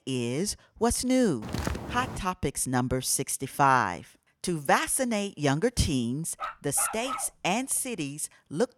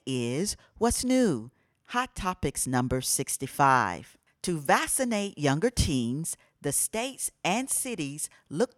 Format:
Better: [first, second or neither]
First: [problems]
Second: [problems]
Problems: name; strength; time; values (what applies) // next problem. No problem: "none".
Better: second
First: footsteps; noticeable; at 1.5 s; peak 5 dB below the speech // dog barking; noticeable; at 6.5 s; peak 6 dB below the speech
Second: none